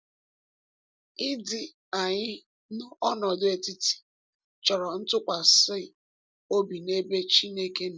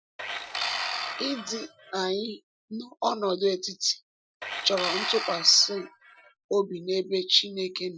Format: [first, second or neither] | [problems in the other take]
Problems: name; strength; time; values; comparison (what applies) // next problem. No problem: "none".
first | noise reduction (classical method Wiener filter)